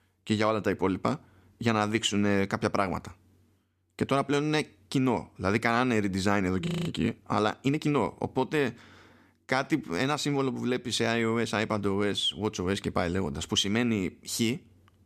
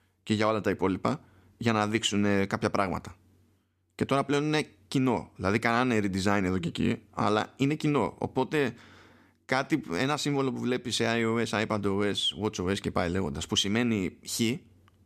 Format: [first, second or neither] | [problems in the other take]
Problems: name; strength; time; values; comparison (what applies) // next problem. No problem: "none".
second | audio freezing; at 6.5 s